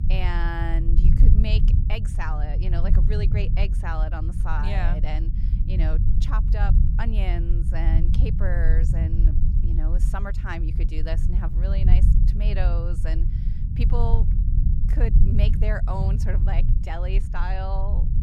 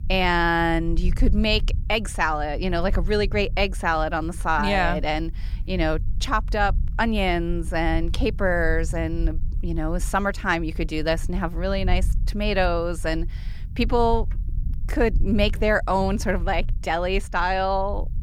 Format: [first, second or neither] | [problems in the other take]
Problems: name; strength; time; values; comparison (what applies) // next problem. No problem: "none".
second | low rumble; loud; throughout; 6 dB below the speech; faint in the second